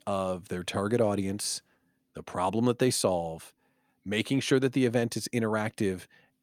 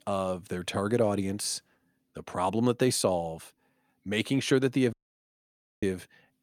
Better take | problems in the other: first | audio cutting out; at 5 s for 1 s

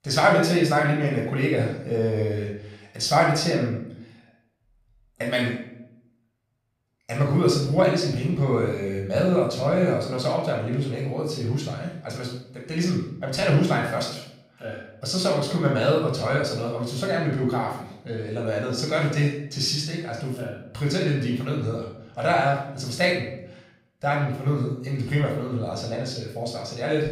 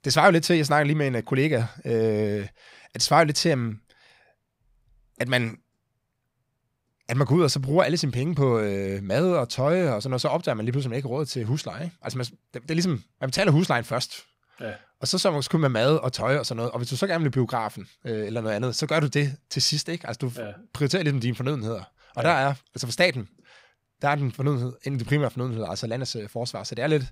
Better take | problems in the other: second | off-mic speech; far // room echo; noticeable; dies away in 0.6 s

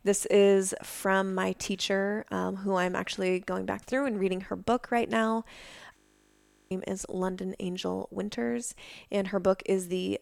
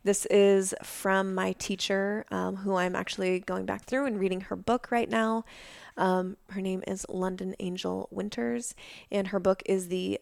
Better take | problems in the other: second | audio freezing; at 6 s for 0.5 s

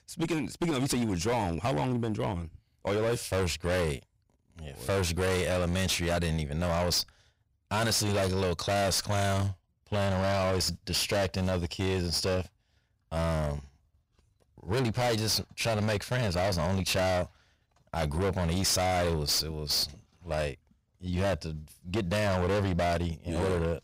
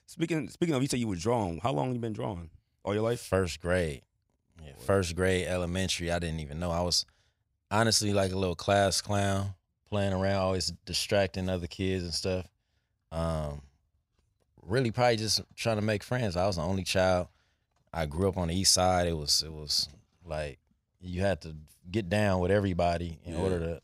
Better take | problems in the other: second | distortion; heavy; 24% of the sound clipped

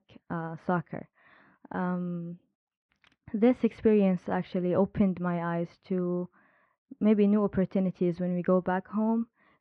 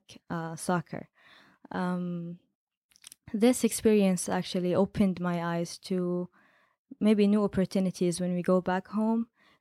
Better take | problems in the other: second | muffled; very; fading above 2 kHz

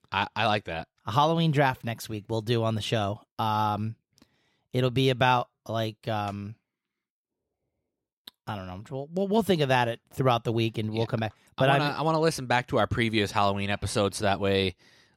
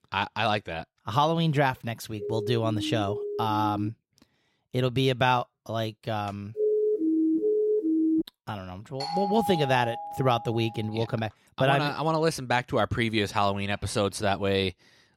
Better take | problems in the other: first | siren; noticeable; from 2 to 4 s; peak 6 dB below the speech // siren; loud; from 6.5 to 8 s; peak 3 dB above the speech // doorbell; noticeable; from 9 to 11 s; peak 3 dB below the speech

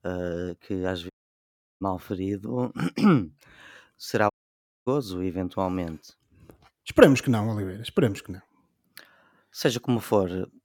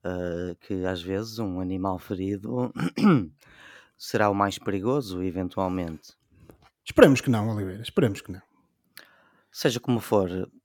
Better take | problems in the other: second | audio cutting out; at 1 s for 0.5 s and at 4.5 s for 0.5 s

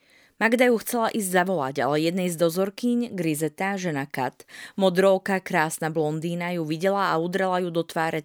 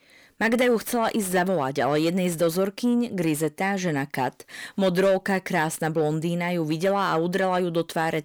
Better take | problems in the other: first | distortion; slight; 10 dB below the speech

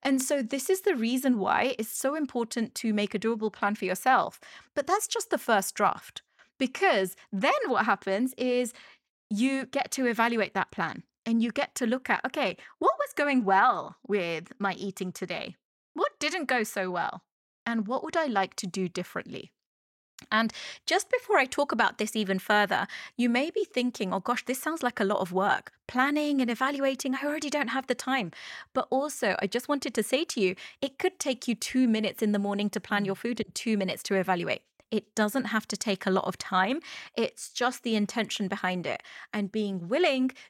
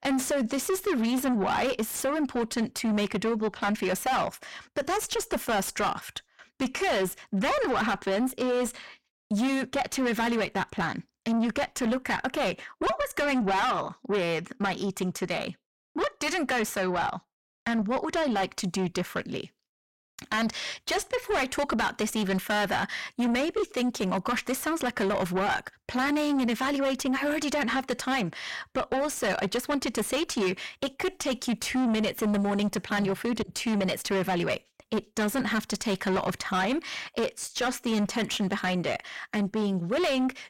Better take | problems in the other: first | distortion; heavy; 6 dB below the speech

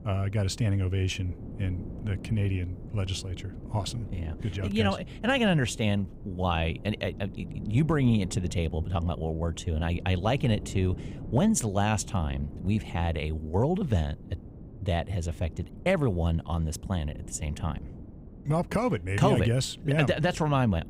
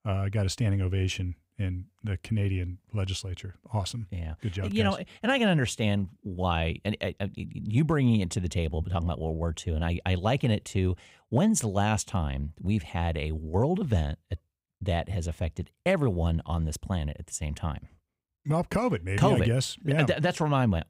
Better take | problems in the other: second | wind noise on the microphone; occasional gusts; 20 dB below the speech

